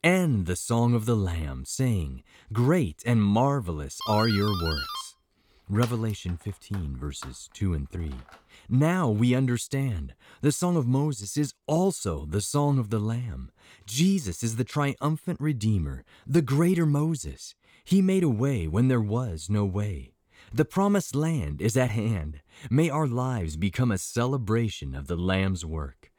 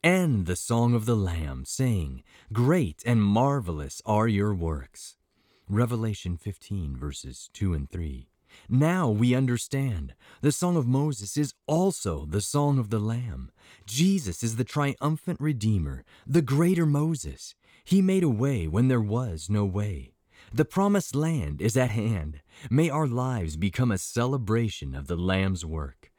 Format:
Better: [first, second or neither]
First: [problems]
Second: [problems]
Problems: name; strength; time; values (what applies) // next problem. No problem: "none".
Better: second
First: doorbell; noticeable; from 4 to 8.5 s; peak 4 dB below the speech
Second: none